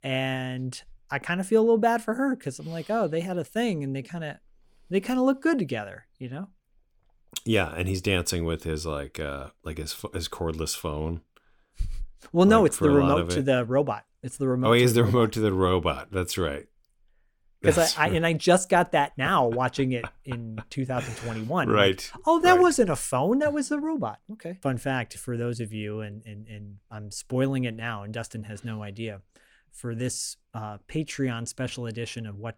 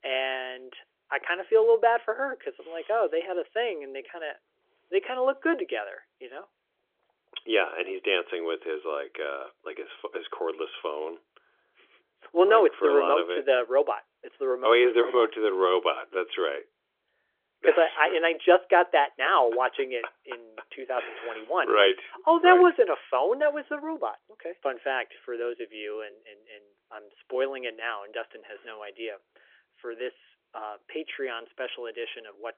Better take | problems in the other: first | phone-call audio; nothing above 3.5 kHz

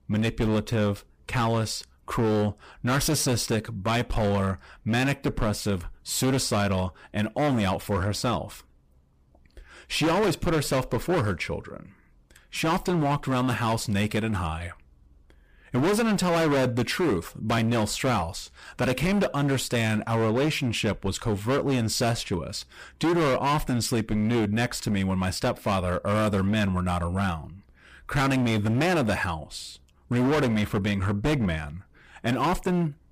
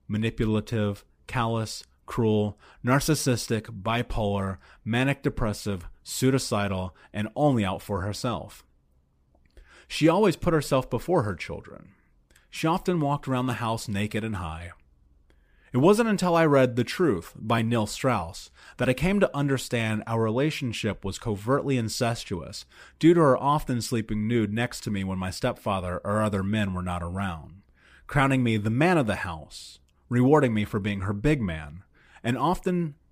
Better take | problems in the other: second | distortion; heavy; 17% of the sound clipped

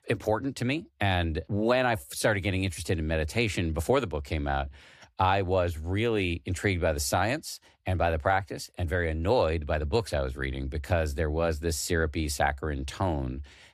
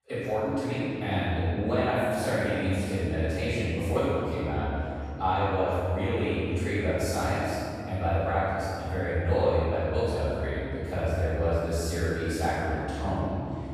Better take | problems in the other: first | room echo; strong; dies away in 3 s // off-mic speech; far

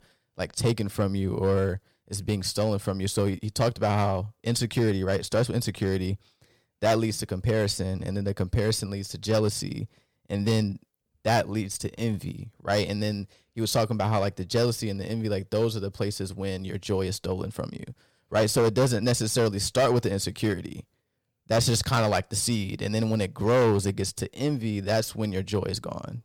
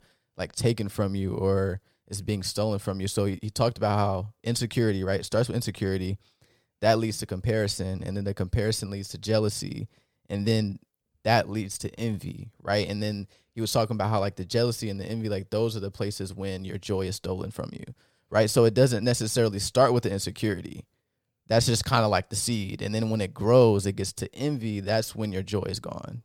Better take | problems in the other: second | distortion; slight; 4% of the sound clipped

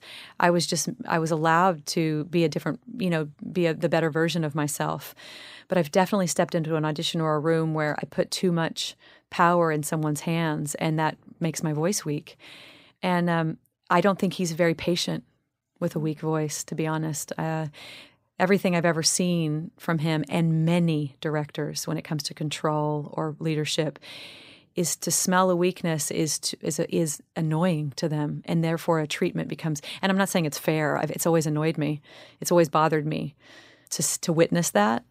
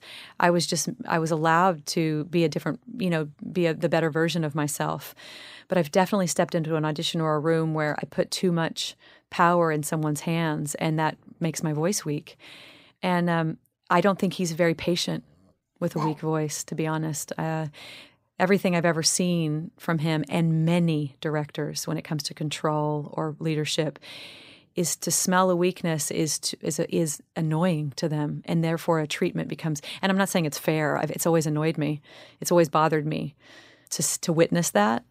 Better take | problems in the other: first | dog barking; noticeable; at 16 s; peak 9 dB below the speech

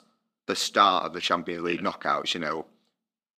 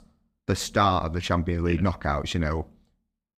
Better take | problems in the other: second | thin; somewhat; fading below 250 Hz

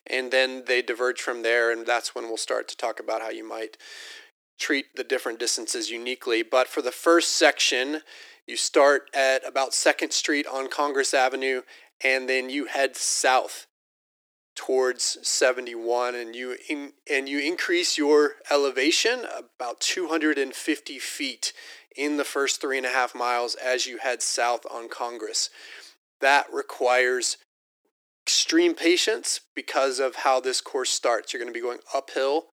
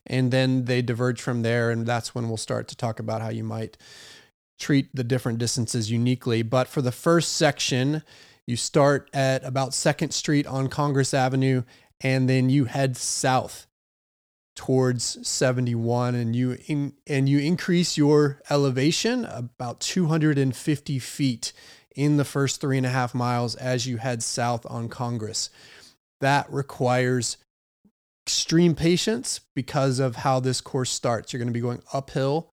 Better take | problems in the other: second | thin; very; fading below 300 Hz

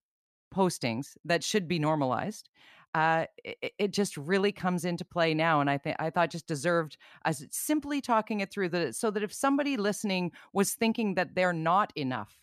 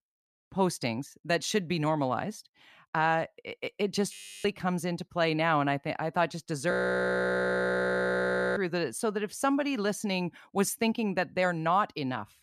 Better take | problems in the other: first | audio freezing; at 4 s and at 6.5 s for 2 s

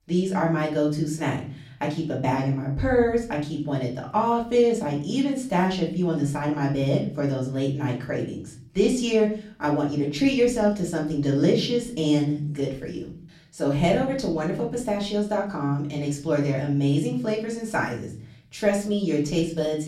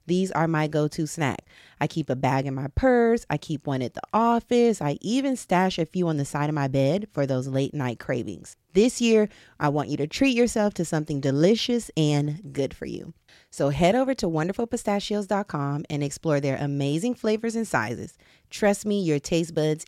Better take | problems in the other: second | off-mic speech; far // room echo; slight; dies away in 0.5 s

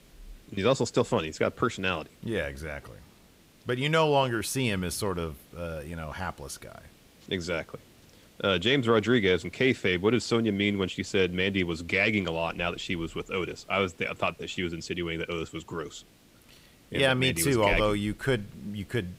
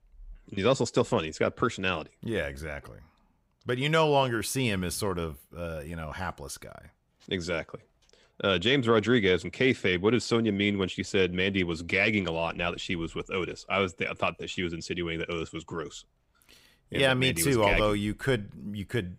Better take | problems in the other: second | hiss; faint; throughout; 30 dB below the speech

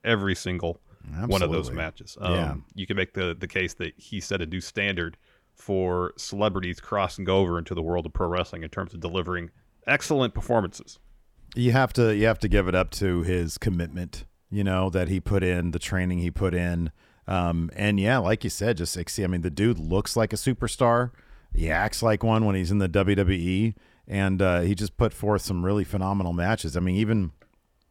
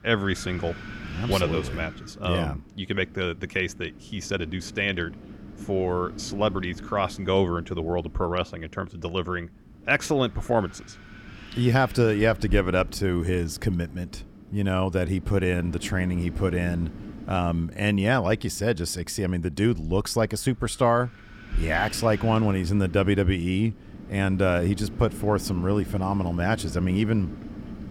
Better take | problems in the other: first | wind noise on the microphone; occasional gusts; 15 dB below the speech

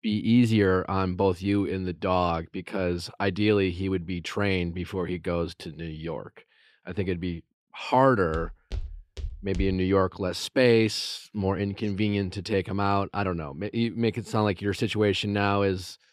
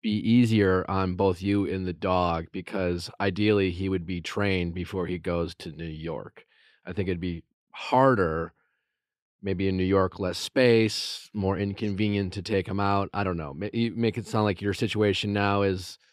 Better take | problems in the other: second | footsteps; faint; from 8.5 to 10 s; peak 10 dB below the speech

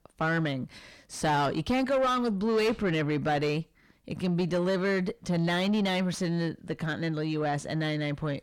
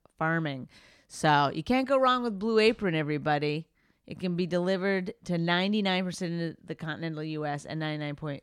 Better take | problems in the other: second | distortion; heavy; 7 dB below the speech

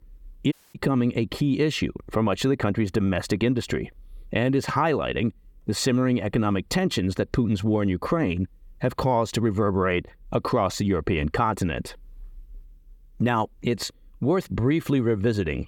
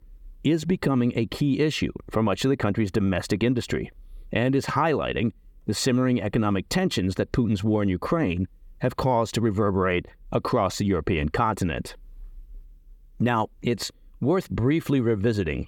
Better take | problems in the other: second | audio cutting out; at 0.5 s

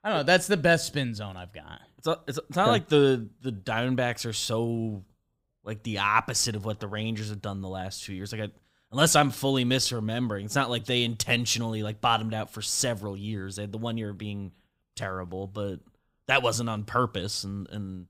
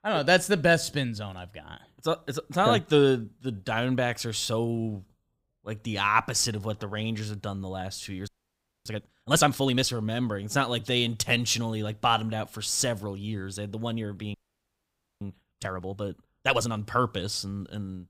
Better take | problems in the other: first | audio freezing; at 8.5 s for 0.5 s and at 14 s for 1 s

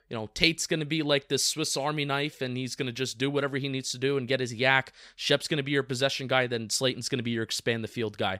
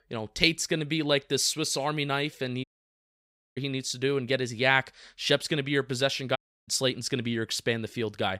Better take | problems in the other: first | audio cutting out; at 2.5 s for 1 s and at 6.5 s

